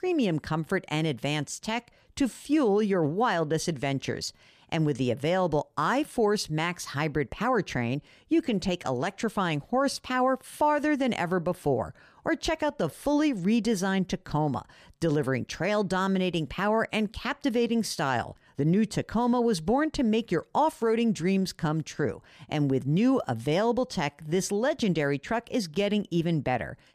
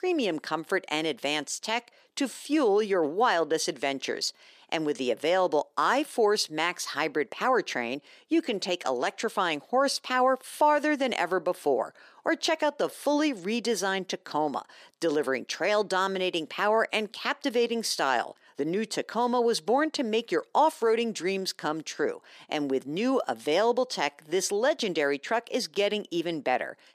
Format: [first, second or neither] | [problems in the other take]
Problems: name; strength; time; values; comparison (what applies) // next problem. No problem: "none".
first | thin; somewhat; fading below 300 Hz